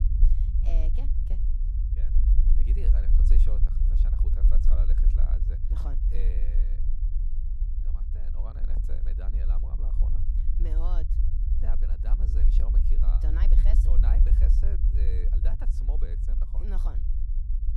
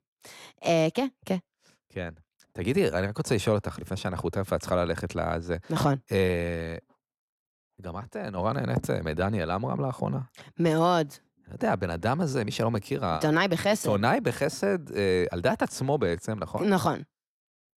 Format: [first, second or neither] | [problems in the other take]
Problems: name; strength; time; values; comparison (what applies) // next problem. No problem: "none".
second | low rumble; loud; throughout; 1 dB below the speech